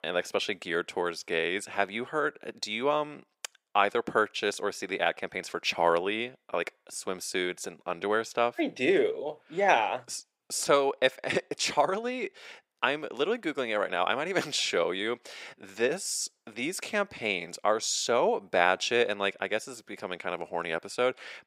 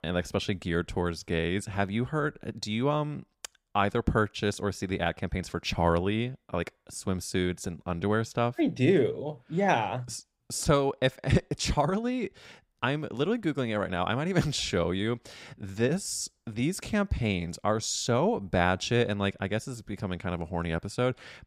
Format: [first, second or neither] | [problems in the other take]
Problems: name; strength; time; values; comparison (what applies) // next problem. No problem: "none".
second | thin; somewhat; fading below 450 Hz